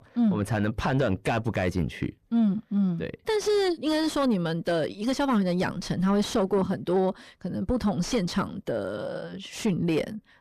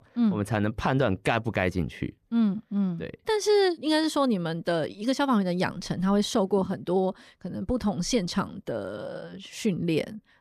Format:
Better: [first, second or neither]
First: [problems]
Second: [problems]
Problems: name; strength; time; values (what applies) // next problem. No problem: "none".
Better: second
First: distortion; slight; 10 dB below the speech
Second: none